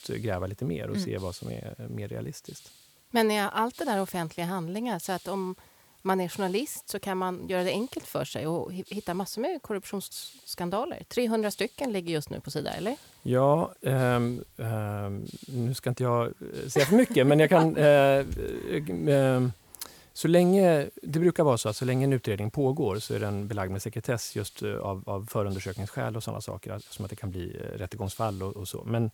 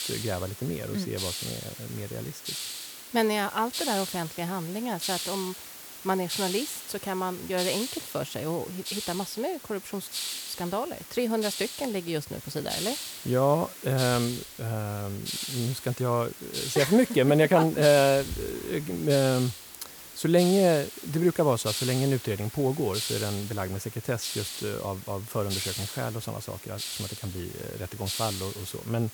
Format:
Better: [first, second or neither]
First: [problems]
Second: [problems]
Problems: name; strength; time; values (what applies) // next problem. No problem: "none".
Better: first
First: hiss; faint; throughout; 25 dB below the speech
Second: hiss; loud; throughout; 7 dB below the speech